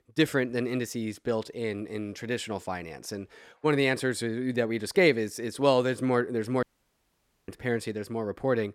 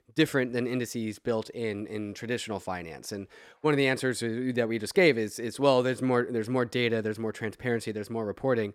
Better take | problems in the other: second | audio cutting out; at 6.5 s for 1 s

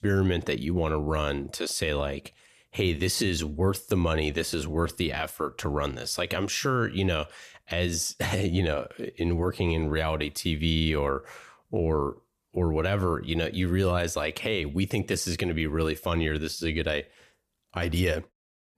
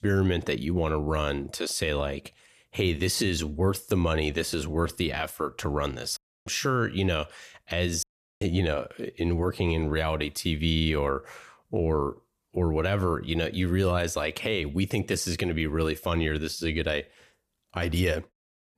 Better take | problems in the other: first | audio cutting out; at 6 s and at 8 s

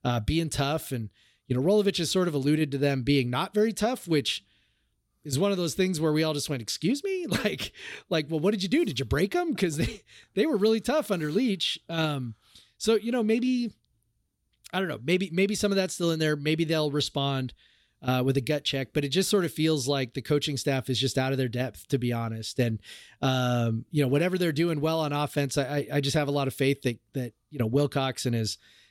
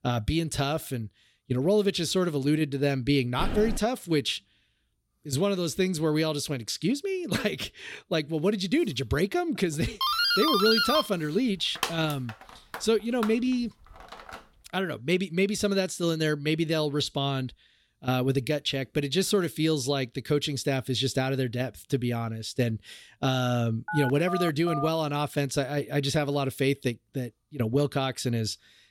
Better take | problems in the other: first | footsteps; noticeable; at 3.5 s; peak 6 dB below the speech // doorbell; loud; from 10 to 14 s; peak 5 dB above the speech // phone ringing; noticeable; from 24 to 25 s; peak 6 dB below the speech

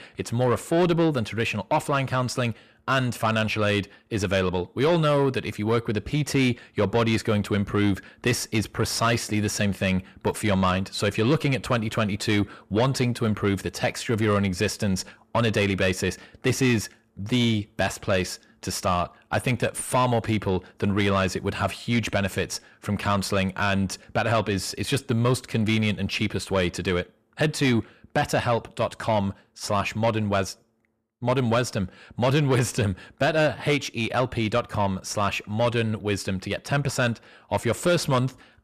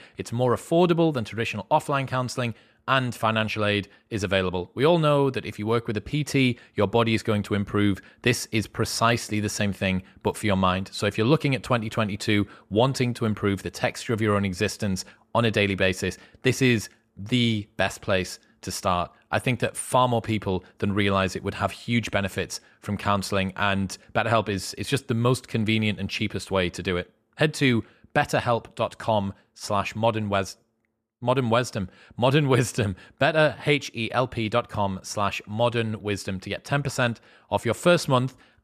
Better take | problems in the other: second | distortion; slight; 10 dB below the speech

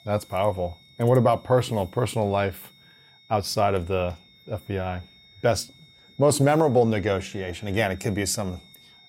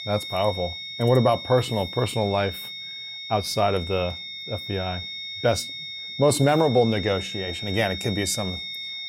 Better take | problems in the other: first | high-pitched whine; loud; throughout; 3.5 kHz, 8 dB below the speech; faint in the first

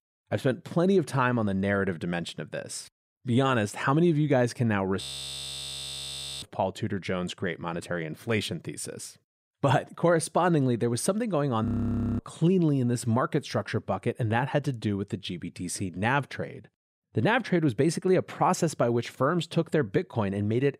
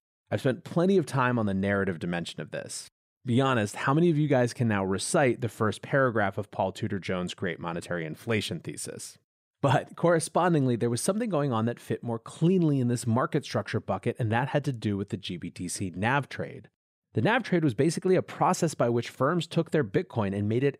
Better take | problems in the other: second | audio freezing; at 5 s for 1.5 s and at 12 s for 0.5 s

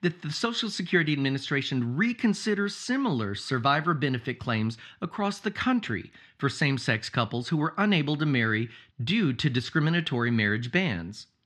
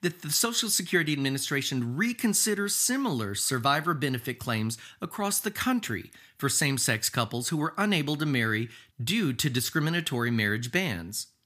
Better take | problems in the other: second | muffled; slightly; fading above 4 kHz

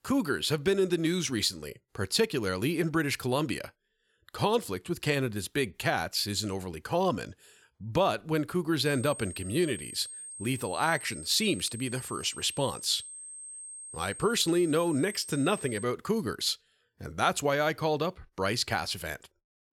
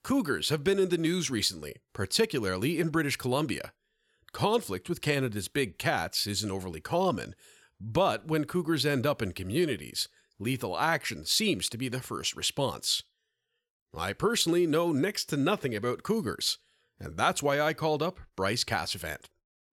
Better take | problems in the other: second | high-pitched whine; noticeable; from 9 to 16 s; 8.5 kHz, 10 dB below the speech

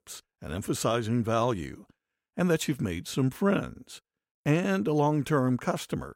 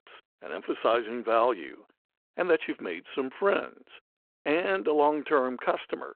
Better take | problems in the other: first | phone-call audio

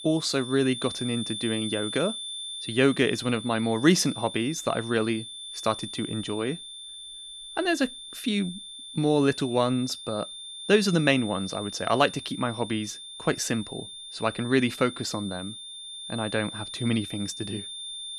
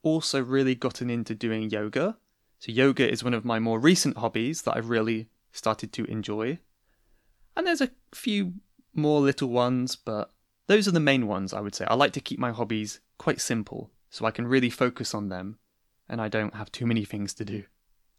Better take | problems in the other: second | high-pitched whine; loud; throughout; 3.5 kHz, 10 dB below the speech

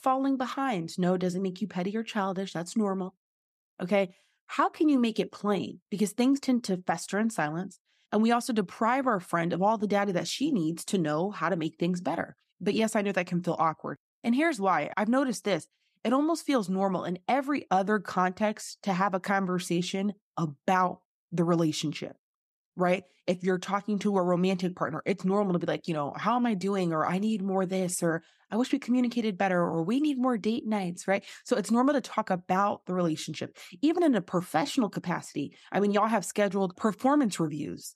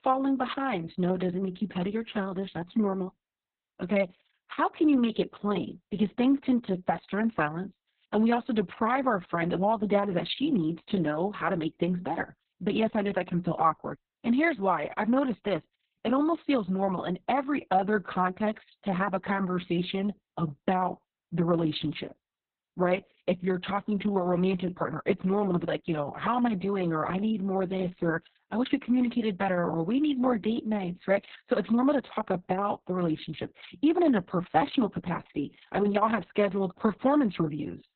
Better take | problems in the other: first | garbled, watery; badly; nothing above 4 kHz

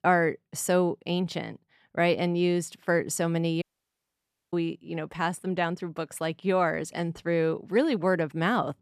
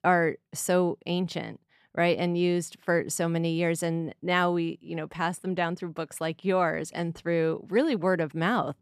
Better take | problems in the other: second | audio cutting out; at 3.5 s for 1 s

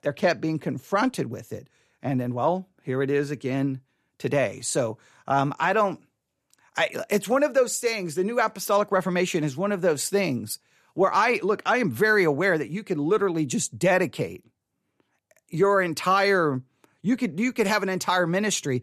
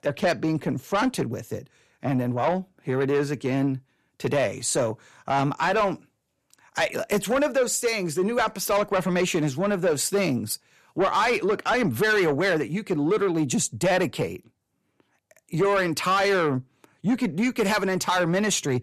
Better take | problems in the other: first | distortion; slight; 10 dB below the speech

